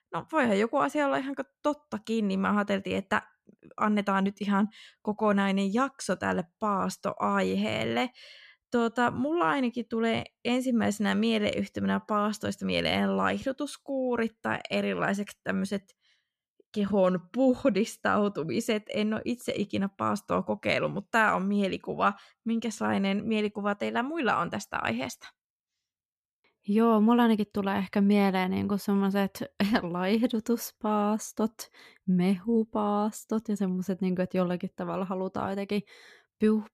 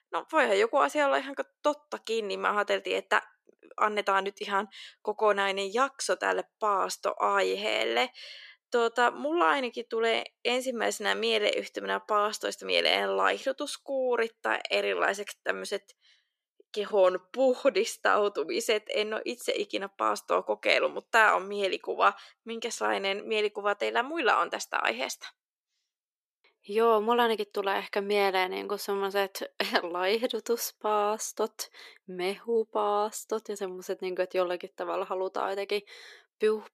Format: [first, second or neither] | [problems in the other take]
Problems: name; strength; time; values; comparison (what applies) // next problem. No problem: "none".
first | thin; very; fading below 350 Hz